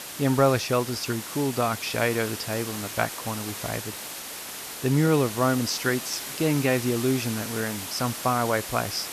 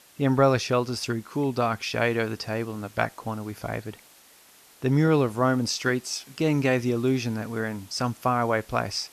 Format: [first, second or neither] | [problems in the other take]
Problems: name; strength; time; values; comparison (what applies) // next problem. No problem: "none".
second | hiss; loud; throughout; 7 dB below the speech; faint in the second